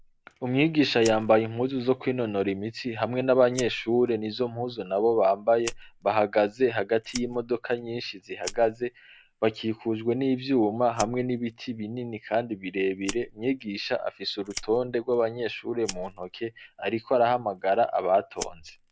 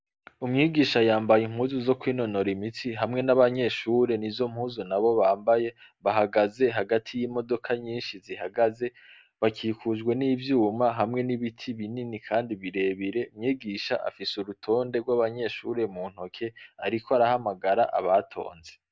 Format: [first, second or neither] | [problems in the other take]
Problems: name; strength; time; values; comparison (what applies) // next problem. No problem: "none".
second | background sound (Fire); 19 dB below the speech